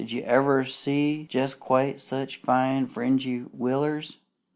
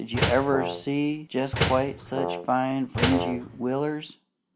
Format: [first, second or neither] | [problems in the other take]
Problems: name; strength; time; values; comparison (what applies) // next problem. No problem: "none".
first | background sound (Brass instrument + Slam); 2 dB below the speech